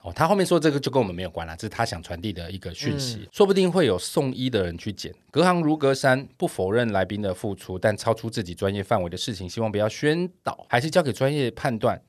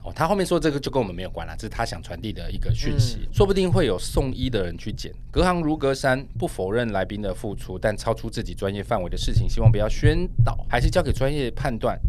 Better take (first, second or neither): first